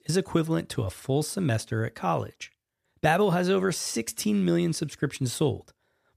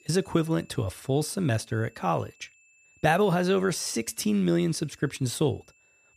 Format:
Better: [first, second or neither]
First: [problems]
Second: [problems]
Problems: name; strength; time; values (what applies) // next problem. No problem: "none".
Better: first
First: none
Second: high-pitched whine; faint; throughout; 2.5 kHz, 30 dB below the speech